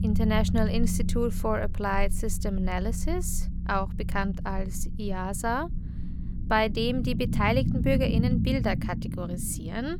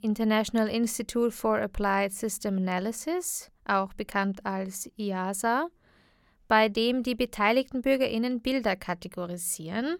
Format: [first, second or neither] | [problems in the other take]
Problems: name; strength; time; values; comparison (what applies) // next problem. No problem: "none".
second | low rumble; noticeable; throughout; 10 dB below the speech